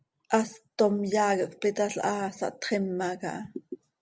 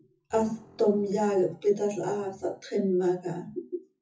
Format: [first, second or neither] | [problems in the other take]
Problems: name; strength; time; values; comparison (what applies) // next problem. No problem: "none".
first | noise reduction (classical method WPE with log-MMSE)